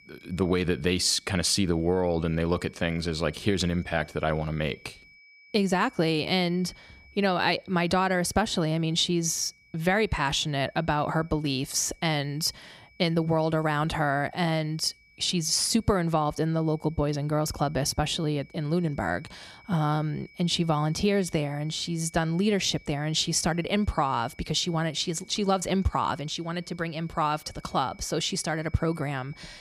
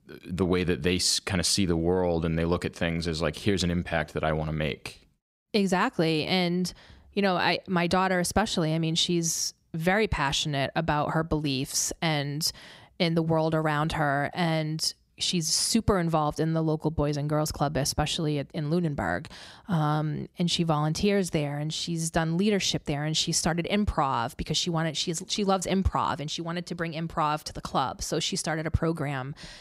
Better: second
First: high-pitched whine; faint; throughout; 2.5 kHz, 25 dB below the speech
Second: none

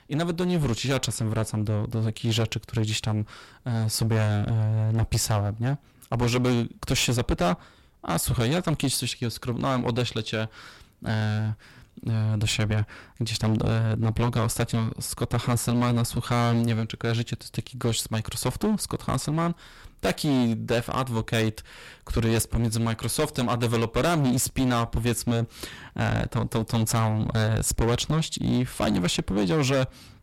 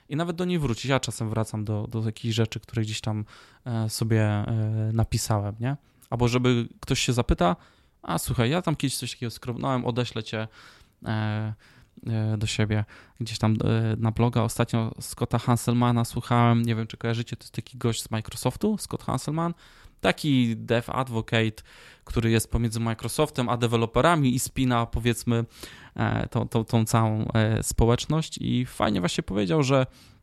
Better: second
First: distortion; heavy; 14% of the sound clipped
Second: none

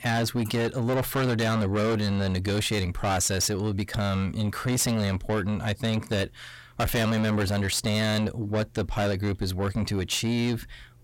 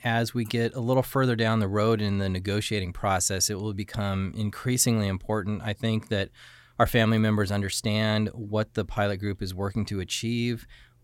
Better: second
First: distortion; heavy; 7 dB below the speech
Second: none

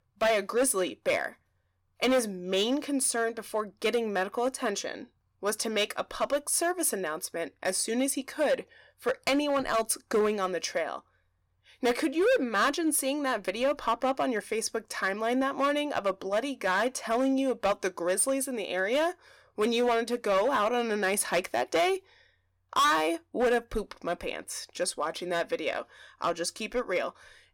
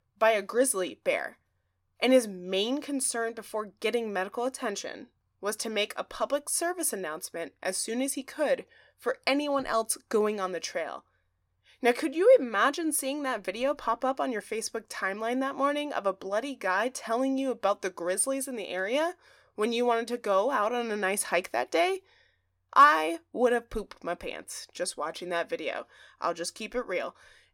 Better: second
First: distortion; heavy; 6% of the sound clipped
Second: none

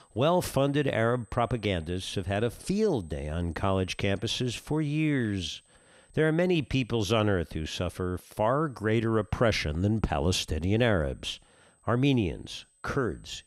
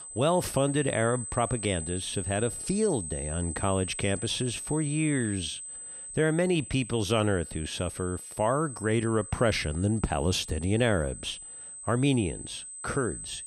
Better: first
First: high-pitched whine; faint; throughout; 8 kHz, 35 dB below the speech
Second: high-pitched whine; loud; throughout; 8 kHz, 9 dB below the speech

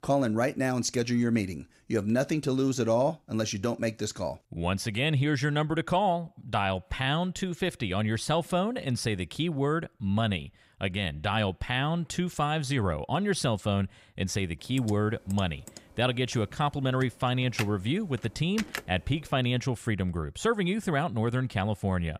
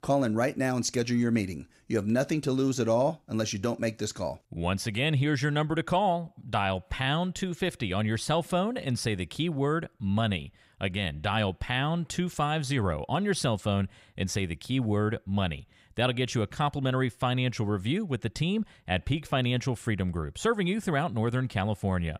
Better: second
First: keyboard typing; noticeable; from 15 to 19 s; peak 7 dB below the speech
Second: none

